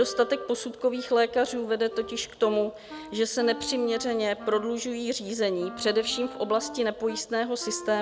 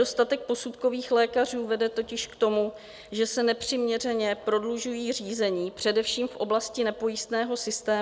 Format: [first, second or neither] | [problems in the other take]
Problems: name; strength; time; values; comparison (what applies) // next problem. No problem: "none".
second | background sound (Wind instrument, woodwind instrument); 15 dB below the speech